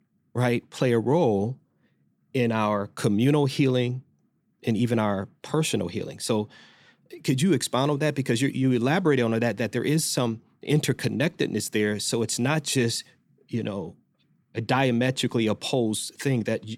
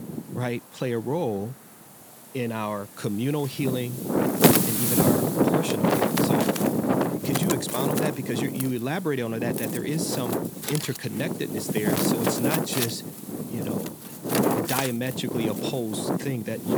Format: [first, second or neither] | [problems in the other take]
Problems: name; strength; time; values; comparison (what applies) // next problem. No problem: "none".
first | wind noise on the microphone; heavy; 4 dB above the speech